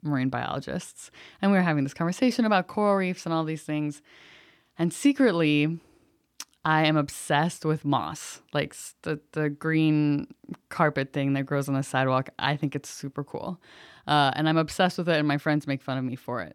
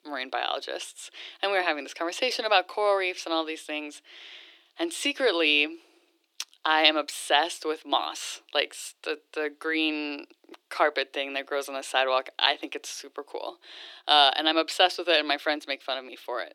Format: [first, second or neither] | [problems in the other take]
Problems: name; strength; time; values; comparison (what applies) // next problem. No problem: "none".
first | thin; very; fading below 350 Hz